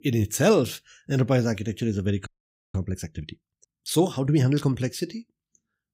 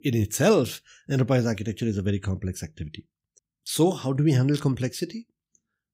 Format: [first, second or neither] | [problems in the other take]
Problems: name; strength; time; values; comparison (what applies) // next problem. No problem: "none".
second | audio freezing; at 2.5 s